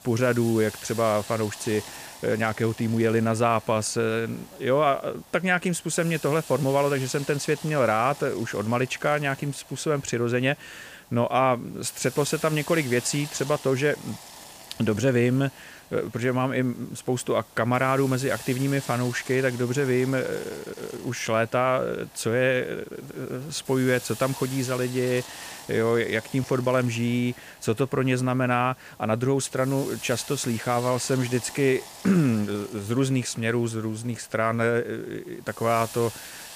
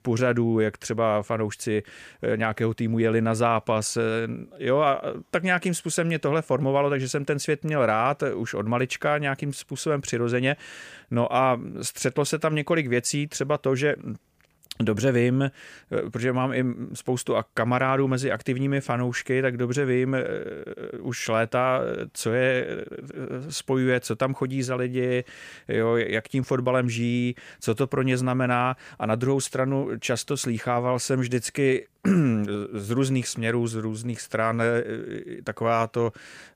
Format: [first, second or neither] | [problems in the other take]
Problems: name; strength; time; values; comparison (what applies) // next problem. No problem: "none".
second | hiss; noticeable; throughout; 15 dB below the speech